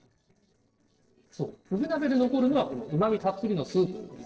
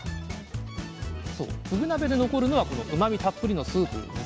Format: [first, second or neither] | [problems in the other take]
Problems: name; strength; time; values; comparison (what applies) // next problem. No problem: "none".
second | noise reduction (neural separator model SepFormer DNS4)